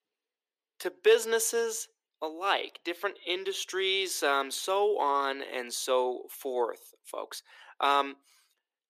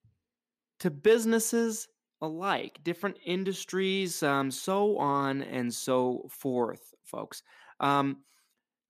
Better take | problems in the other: second | thin; very; fading below 350 Hz

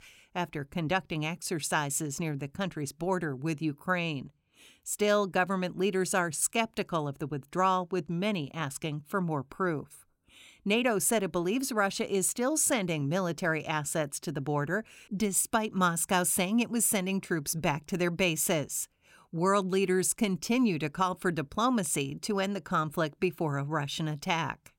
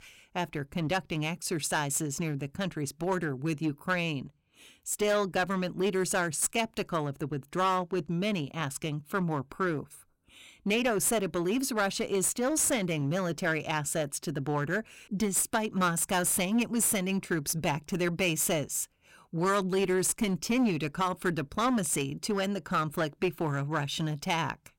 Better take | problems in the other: first | distortion; slight; 6% of the sound clipped

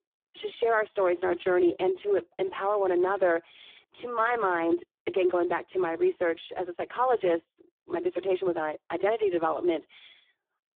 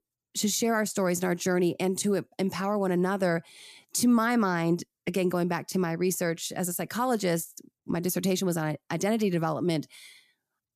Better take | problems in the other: second | phone-call audio; poor line

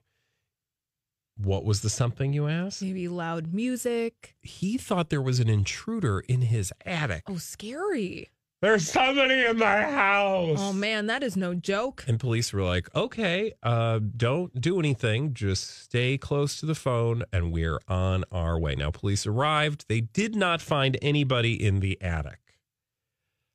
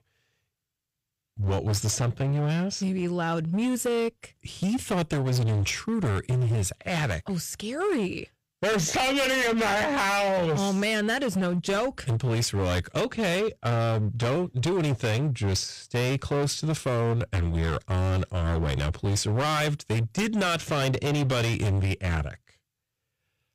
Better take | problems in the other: first | distortion; heavy; 23% of the sound clipped

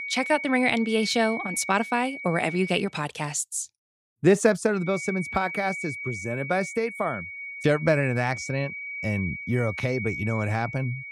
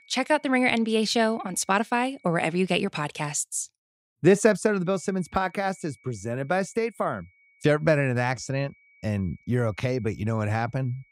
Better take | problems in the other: second | high-pitched whine; loud; until 3 s and from 5 s on; 2.5 kHz, 8 dB below the speech; faint in the second

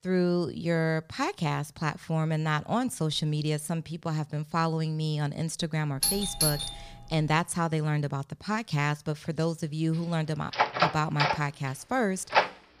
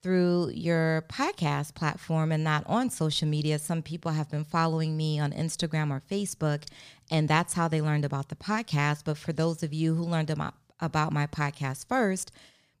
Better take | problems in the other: second | doorbell; loud; at 6 s; peak 3 dB above the speech // door banging; loud; from 11 s on; peak 4 dB above the speech

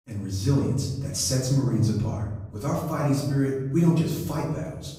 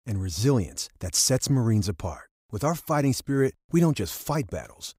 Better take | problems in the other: second | room echo; noticeable; dies away in 1.3 s // off-mic speech; far

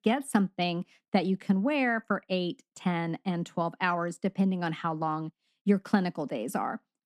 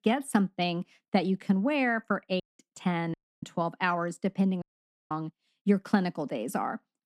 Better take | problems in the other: first | audio cutting out; at 2.5 s, at 3 s and at 4.5 s

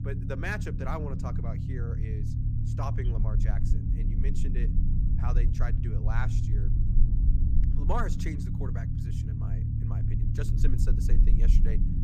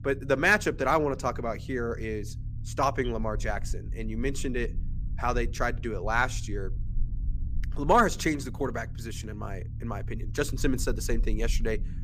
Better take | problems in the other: second | low rumble; loud; throughout; 4 dB below the speech; faint in the second

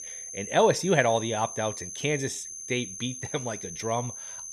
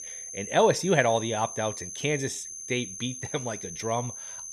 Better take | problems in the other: neither | high-pitched whine; loud; throughout; 6.5 kHz, 9 dB below the speech; the same in both

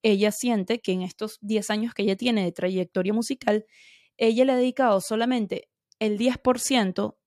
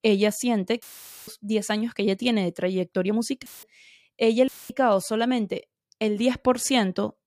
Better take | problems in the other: first | audio cutting out; filled with static; at 1 s, at 3.5 s and at 4.5 s

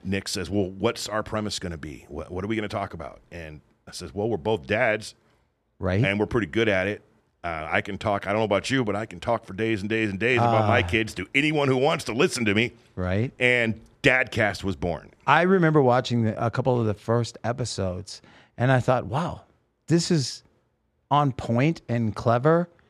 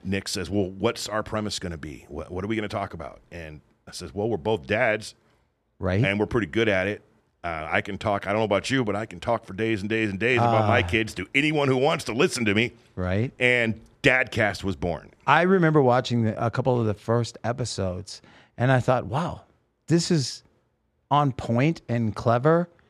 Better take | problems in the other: neither | none

